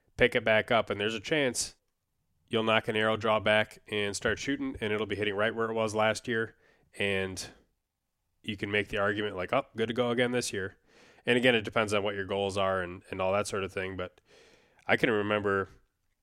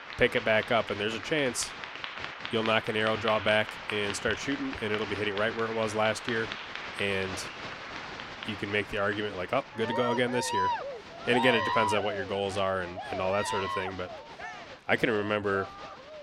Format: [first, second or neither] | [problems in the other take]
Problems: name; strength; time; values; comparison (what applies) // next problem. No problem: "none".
first | crowd noise; loud; throughout; 7 dB below the speech